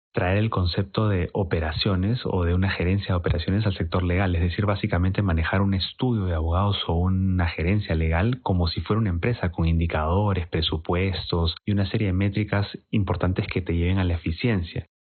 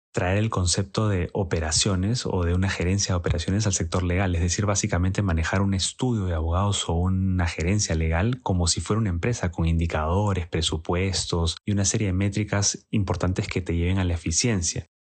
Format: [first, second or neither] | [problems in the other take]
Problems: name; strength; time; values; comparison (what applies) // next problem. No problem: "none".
second | garbled, watery; badly; nothing above 4 kHz; slightly in the second